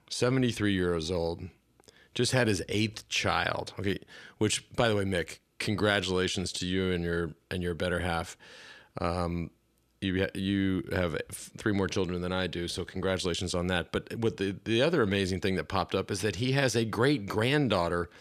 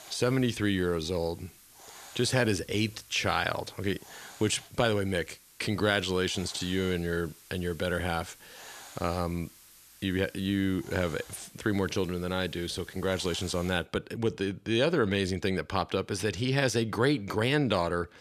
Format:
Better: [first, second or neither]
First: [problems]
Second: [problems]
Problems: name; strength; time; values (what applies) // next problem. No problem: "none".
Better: first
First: none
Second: hiss; faint; until 14 s; 20 dB below the speech